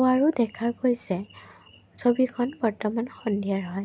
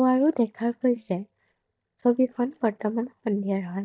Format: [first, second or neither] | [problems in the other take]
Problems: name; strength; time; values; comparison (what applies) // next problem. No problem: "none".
first | noise reduction (neural mask model DeepFilterNet 3)